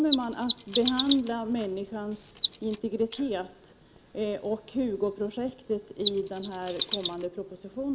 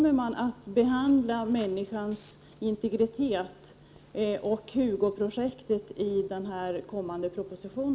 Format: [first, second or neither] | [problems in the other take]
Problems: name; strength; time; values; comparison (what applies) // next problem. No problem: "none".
second | noise reduction (neural mask model Resemble Enhance denoiser)